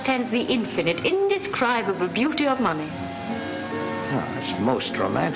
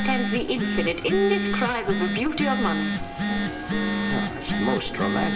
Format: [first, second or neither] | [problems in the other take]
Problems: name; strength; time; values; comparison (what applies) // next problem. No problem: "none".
first | background sound (Telephone); as loud as the speech // room echo; dies away in 2.6 s